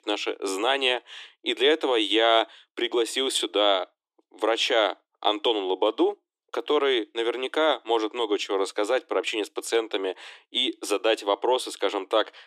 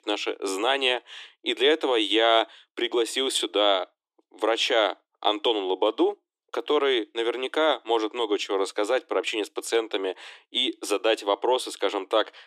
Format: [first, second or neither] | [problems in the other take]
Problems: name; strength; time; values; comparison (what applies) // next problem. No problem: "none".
neither | thin; very; fading below 300 Hz; the same in both